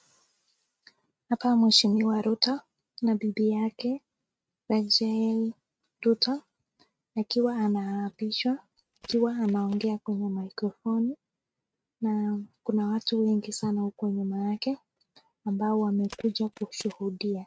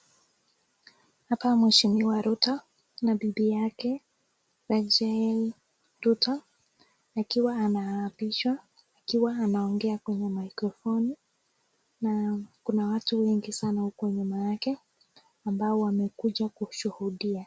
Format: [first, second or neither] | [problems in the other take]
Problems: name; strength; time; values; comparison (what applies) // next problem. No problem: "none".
second | noise reduction (neural mask model RNNoise)